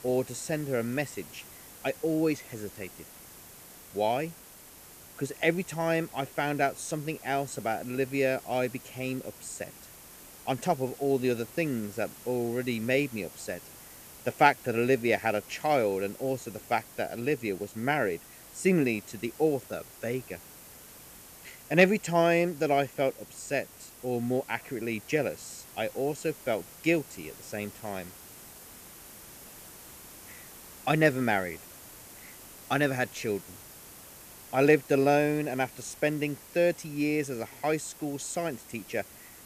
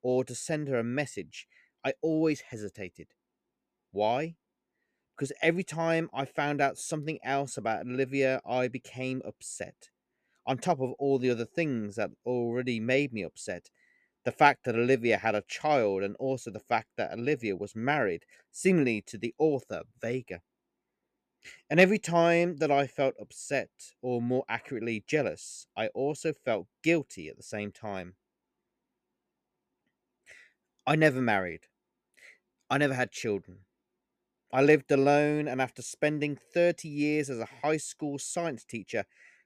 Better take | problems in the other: second | hiss; noticeable; throughout; 20 dB below the speech

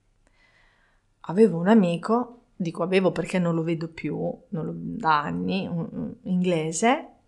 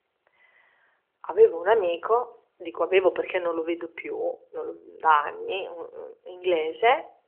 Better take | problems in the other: first | phone-call audio; nothing above 3 kHz

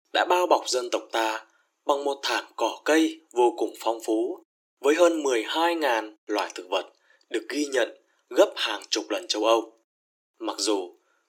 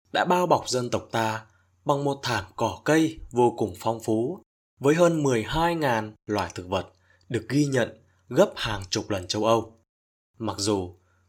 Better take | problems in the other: second | thin; somewhat; fading below 300 Hz

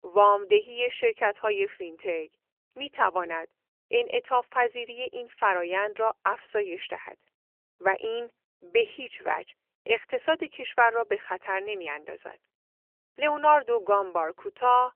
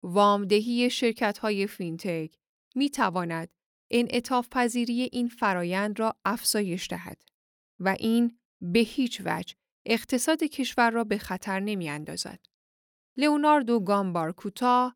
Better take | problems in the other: second | phone-call audio; nothing above 3 kHz

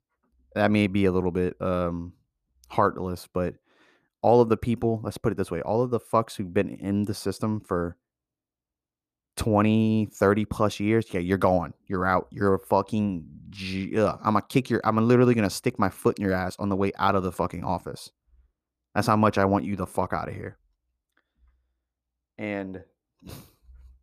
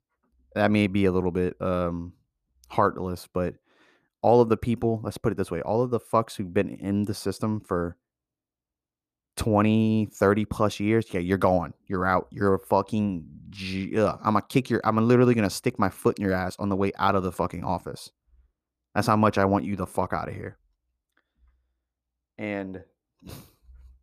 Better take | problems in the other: neither | none

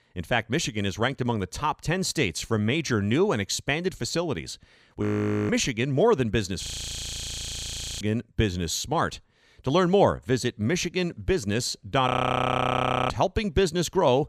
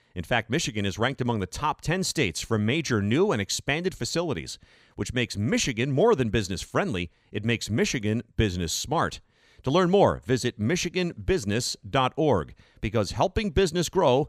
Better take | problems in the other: second | audio freezing; at 5 s, at 6.5 s for 1.5 s and at 12 s for 1 s

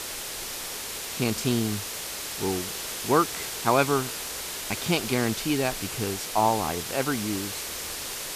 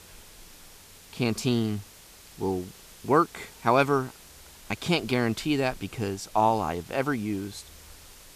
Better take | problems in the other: second | hiss; loud; throughout; 4 dB below the speech; faint in the second

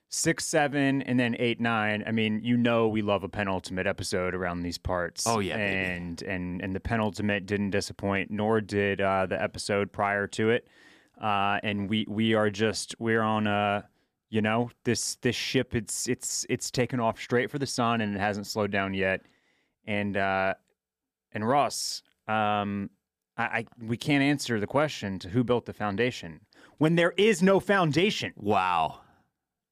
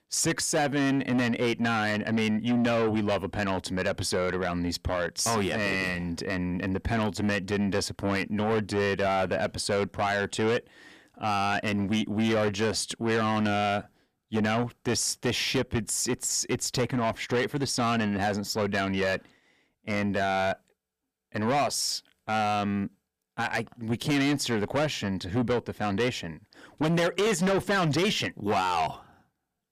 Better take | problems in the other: first | distortion; heavy; 7 dB below the speech

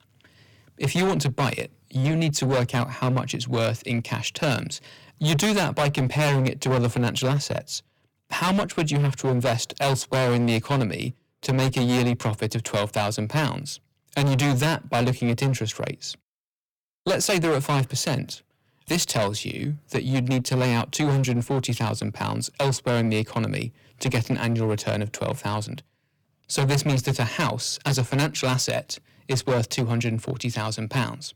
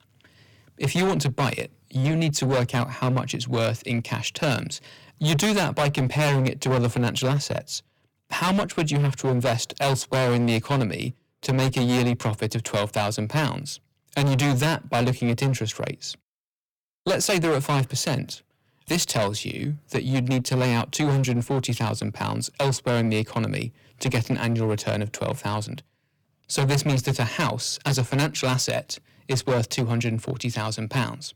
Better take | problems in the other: neither | distortion; heavy; 16% of the sound clipped; the same in both

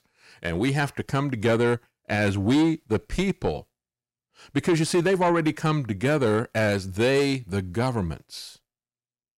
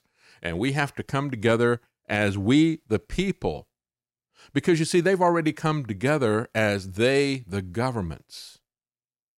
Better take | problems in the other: second | distortion; slight; 10 dB below the speech

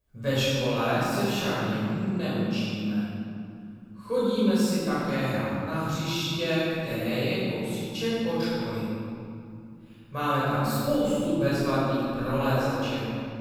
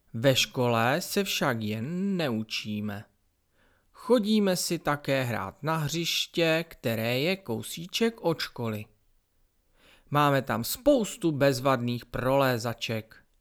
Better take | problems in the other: second | off-mic speech; far // room echo; strong; dies away in 2.7 s

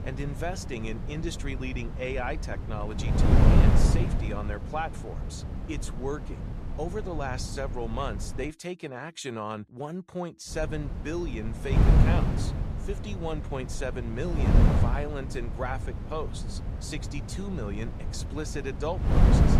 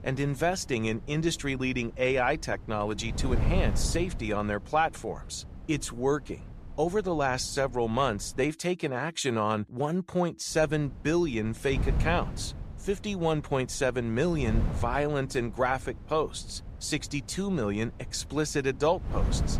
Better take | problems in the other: second | wind noise on the microphone; heavy; until 8.5 s and from 11 s on; 2 dB below the speech; occasional gusts in the second

